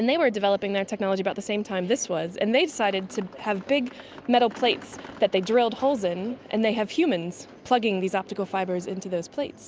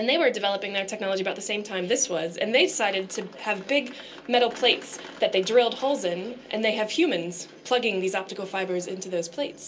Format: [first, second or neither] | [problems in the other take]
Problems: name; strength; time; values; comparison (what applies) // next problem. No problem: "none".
first | room echo; dies away in 0.2 s